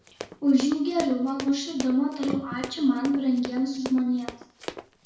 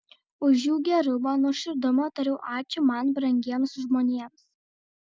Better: second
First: background sound (Run); 13 dB below the speech // room echo; dies away in 0.5 s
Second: none

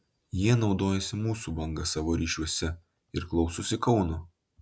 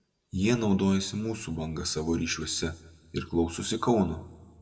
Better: first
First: none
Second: room echo; dies away in 0.9 s

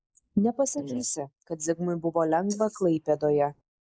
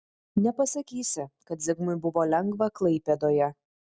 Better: second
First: noise reduction (neural mask model Resemble Enhance denoiser)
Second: none

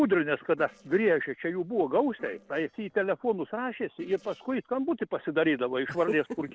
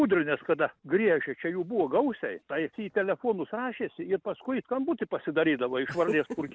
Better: second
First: noise reduction (neural separator model SepFormer DNS4)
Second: none

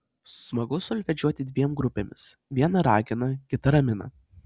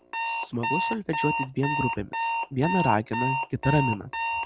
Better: first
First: none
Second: background sound (Alarm); 1 dB below the speech

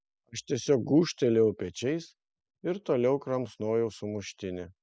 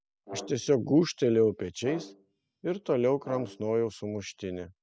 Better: first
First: none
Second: background sound (Brass instrument); 18 dB below the speech

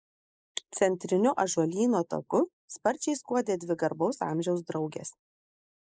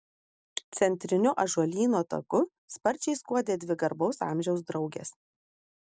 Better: second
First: noise reduction (neural mask model Resemble Enhance denoiser)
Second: none

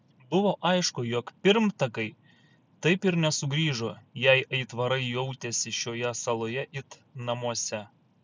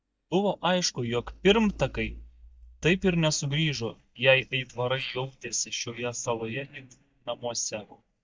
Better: first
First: none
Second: noise reduction (neural mask model DeepFilterNet 3)

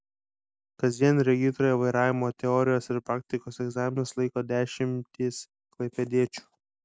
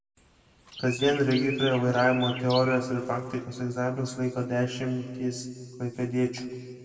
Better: first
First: none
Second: background sound (Chirp, tweet); 12 dB below the speech // room echo; dies away in 1.9 s

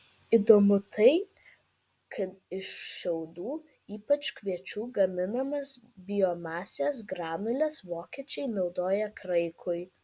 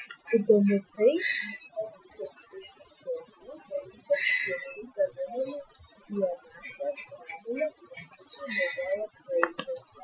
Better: first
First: none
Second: noise reduction (classical method Wiener filter)

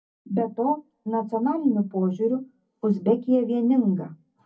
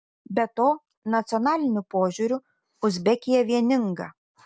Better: second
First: room echo; dies away in 0.3 s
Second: none

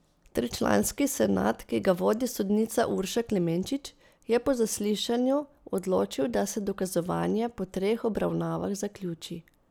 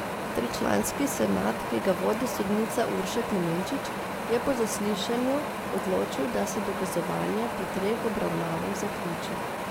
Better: first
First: none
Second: background sound (Wind); 3 dB below the speech

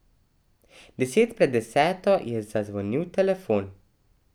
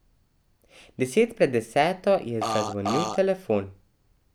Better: first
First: none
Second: background sound (Burping, eructation); 2 dB below the speech

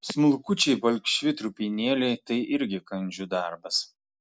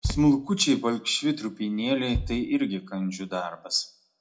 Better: first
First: none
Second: background sound (Bass drum); 11 dB below the speech // room echo; dies away in 0.3 s

